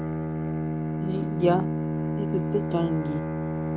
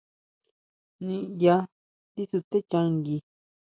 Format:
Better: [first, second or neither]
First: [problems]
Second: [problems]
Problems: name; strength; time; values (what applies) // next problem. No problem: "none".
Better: second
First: background sound (Bowed string instrument); 2 dB above the speech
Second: none